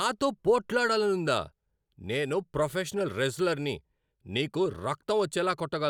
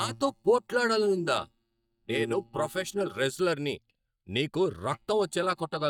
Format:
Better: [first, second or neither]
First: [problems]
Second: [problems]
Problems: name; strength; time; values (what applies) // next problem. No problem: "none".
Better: first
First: none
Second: noise reduction (neural mask model DeepFilterNet 3)